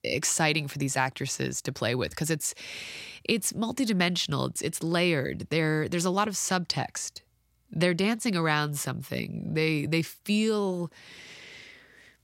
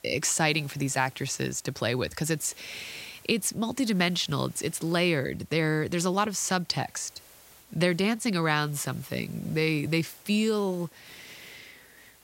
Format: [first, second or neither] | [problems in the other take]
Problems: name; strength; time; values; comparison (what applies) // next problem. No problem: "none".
first | hiss; faint; throughout; 25 dB below the speech